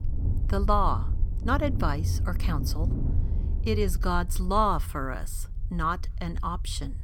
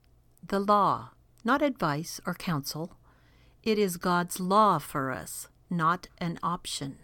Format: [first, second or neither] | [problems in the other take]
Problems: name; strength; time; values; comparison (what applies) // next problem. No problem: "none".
second | low rumble; noticeable; throughout; 15 dB below the speech